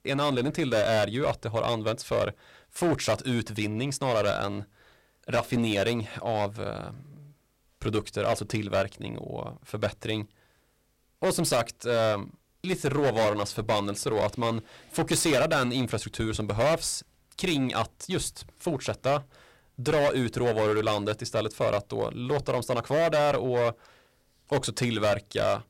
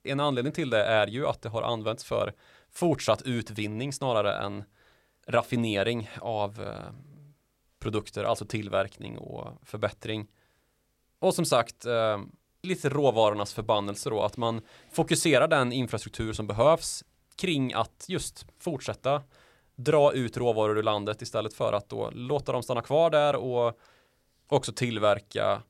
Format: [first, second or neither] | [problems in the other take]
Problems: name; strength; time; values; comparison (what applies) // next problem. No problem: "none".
second | distortion; heavy; 11% of the sound clipped